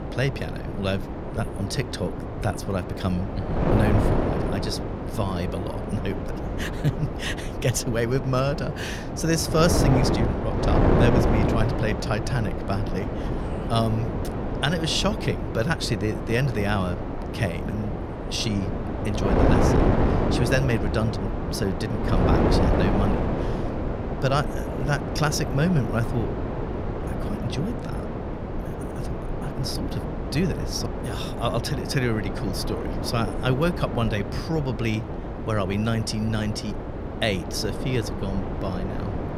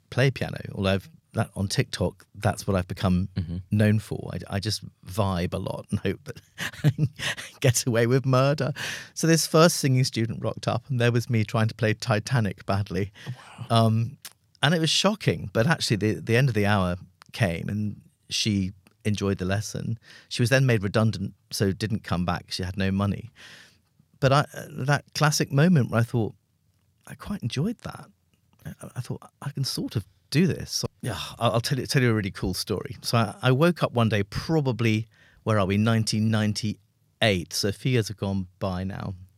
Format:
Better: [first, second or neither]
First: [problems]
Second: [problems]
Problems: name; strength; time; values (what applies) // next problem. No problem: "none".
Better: second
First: wind noise on the microphone; heavy; 1 dB below the speech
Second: none